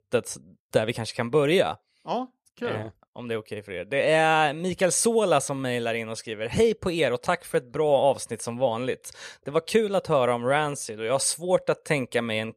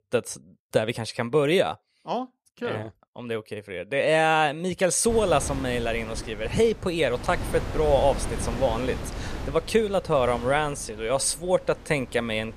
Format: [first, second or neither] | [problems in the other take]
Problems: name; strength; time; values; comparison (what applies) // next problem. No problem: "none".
first | wind noise on the microphone; occasional gusts; from 5 s on; 15 dB below the speech